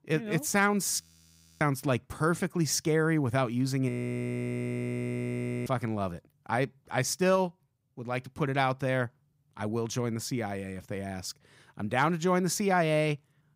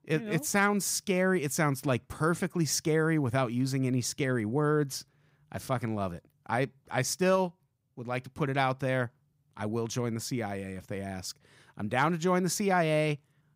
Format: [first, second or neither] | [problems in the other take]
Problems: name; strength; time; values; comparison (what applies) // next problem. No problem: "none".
second | audio freezing; at 1 s for 0.5 s and at 4 s for 2 s